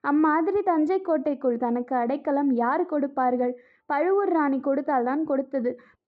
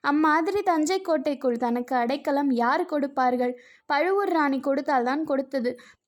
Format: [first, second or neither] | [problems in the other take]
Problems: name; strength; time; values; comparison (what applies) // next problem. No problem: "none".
second | muffled; very; fading above 1.5 kHz